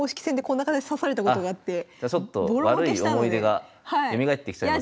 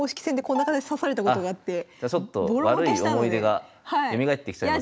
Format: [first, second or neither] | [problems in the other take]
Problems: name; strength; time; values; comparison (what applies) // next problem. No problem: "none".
first | background sound (Bowed string instrument); 12 dB below the speech